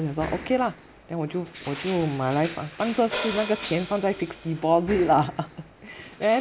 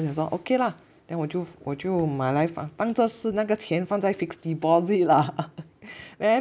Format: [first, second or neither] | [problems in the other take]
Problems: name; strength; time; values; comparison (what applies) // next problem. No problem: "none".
second | background sound (Crushing + Hi-hat); 13 dB below the speech